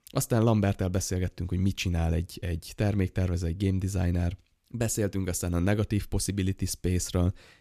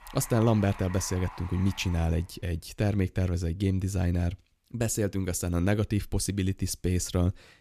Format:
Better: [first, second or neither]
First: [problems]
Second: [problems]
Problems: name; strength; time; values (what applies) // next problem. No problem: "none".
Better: first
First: none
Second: rain or running water; noticeable; until 2 s; 15 dB below the speech